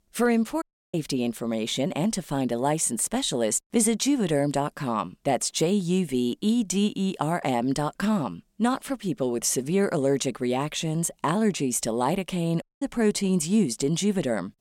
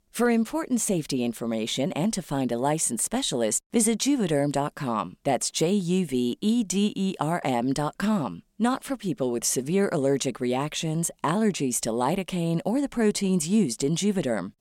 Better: second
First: audio cutting out; at 0.5 s and at 13 s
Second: none

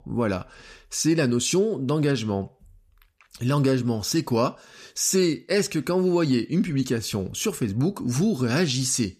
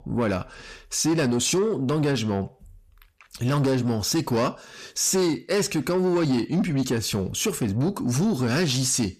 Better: first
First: none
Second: distortion; slight; 10 dB below the speech

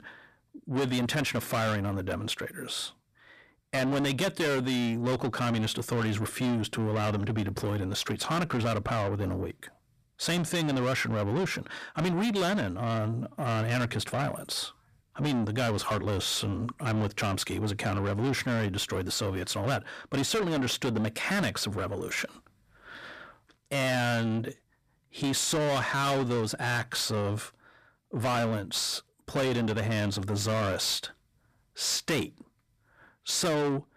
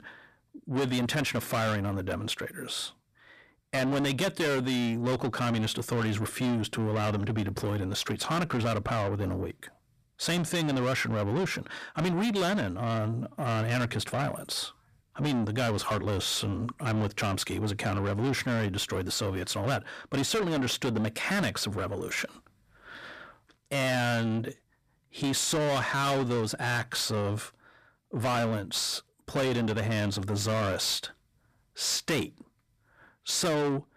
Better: neither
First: distortion; heavy; 6 dB below the speech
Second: distortion; heavy; 6 dB below the speech

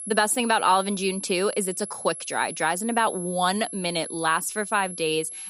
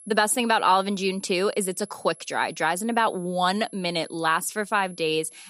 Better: second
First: high-pitched whine; loud; throughout; 11 kHz, 10 dB below the speech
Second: high-pitched whine; faint; throughout; 11 kHz, 20 dB below the speech

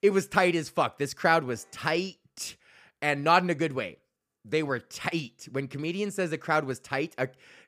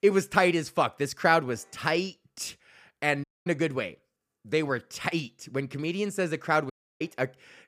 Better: first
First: none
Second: audio cutting out; at 3 s and at 6.5 s

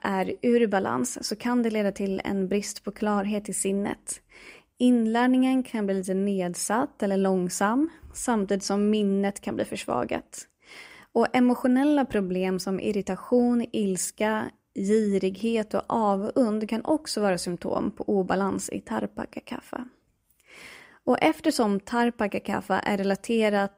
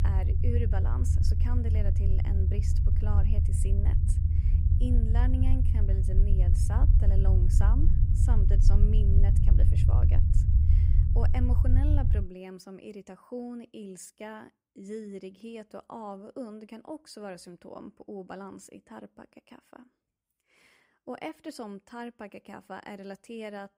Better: first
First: none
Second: low rumble; loud; until 12 s; 1 dB below the speech

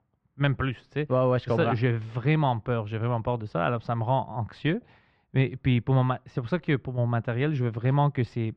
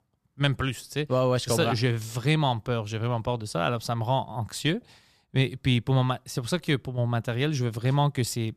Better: second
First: muffled; very; fading above 2.5 kHz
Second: none

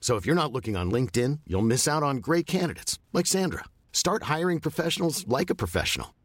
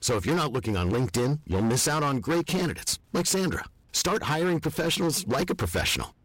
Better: first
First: none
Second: distortion; heavy; 19% of the sound clipped

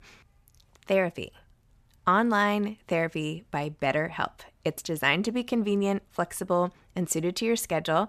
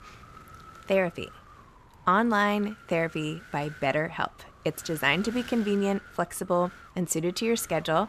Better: first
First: none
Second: wind noise on the microphone; occasional gusts; 20 dB below the speech

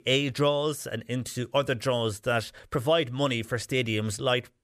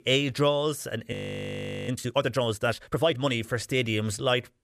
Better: first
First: none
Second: audio freezing; at 1 s for 1 s

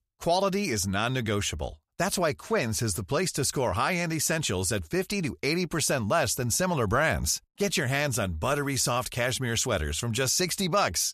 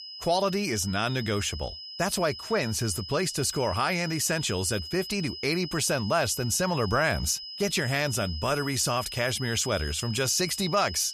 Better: first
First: none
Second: high-pitched whine; loud; throughout; 5 kHz, 10 dB below the speech

